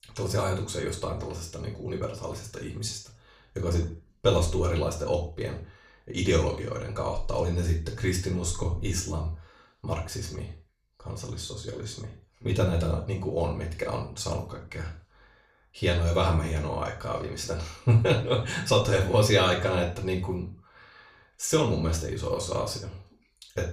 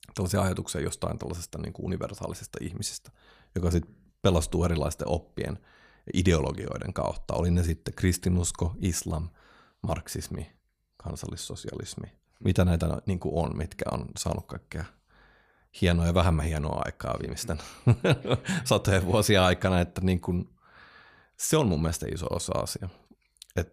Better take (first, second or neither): second